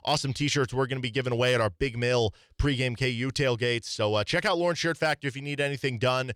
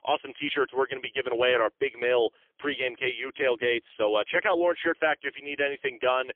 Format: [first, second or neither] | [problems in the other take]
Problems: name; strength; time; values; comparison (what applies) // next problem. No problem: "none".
first | phone-call audio; poor line; nothing above 3.5 kHz